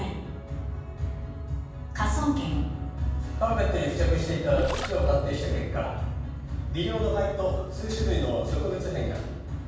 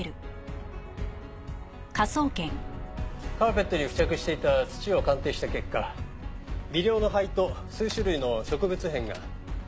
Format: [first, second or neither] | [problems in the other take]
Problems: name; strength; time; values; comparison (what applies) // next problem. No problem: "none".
second | background sound (Gurgling); 9 dB below the speech // room echo; dies away in 1.2 s